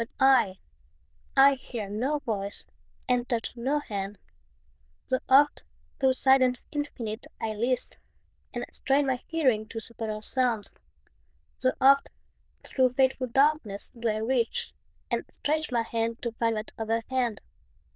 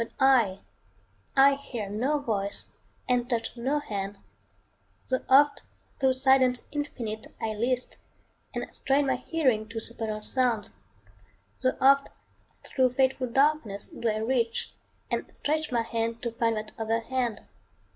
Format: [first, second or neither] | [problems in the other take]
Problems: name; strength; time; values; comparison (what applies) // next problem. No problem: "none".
second | noise reduction (neural diffusion model UNIVERSE++)